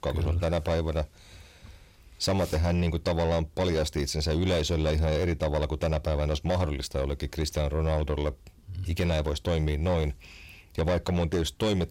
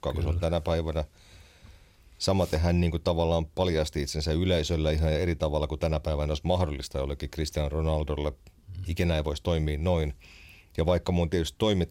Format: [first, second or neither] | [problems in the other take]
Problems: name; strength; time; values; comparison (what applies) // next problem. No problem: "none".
second | distortion; slight; 10 dB below the speech